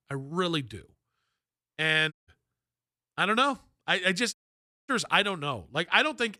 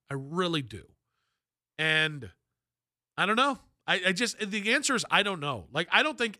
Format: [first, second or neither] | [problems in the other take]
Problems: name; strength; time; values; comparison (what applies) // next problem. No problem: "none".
second | audio cutting out; at 2 s and at 4.5 s for 0.5 s